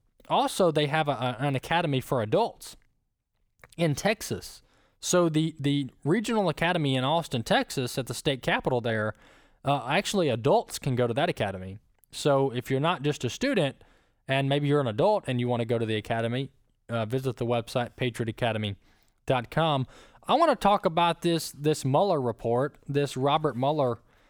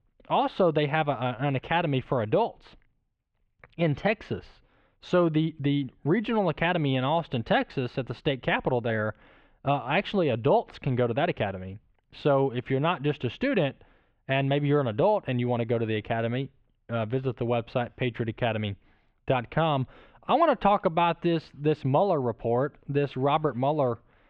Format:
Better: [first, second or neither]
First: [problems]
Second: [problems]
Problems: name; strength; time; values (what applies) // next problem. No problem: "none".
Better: first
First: none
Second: muffled; very; fading above 3 kHz